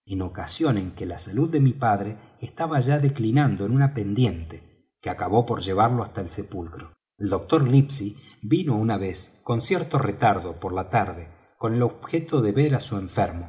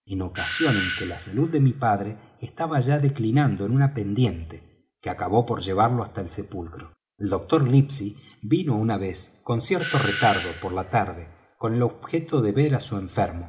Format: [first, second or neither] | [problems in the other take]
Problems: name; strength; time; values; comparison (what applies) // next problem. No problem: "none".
first | background sound (Doorbell); 8 dB below the speech